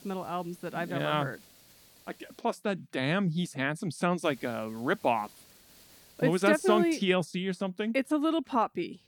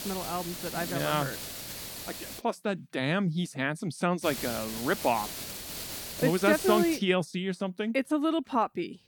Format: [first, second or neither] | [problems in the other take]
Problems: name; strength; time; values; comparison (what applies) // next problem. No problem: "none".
first | hiss; loud; until 2.5 s and from 4 to 7 s; 8 dB below the speech; faint in the first